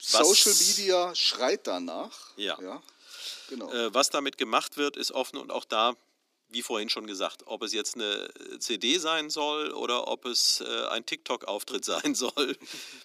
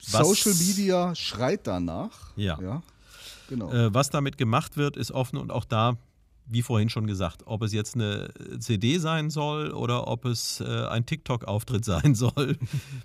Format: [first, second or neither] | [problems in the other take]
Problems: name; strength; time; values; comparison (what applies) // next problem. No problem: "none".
second | thin; somewhat; fading below 300 Hz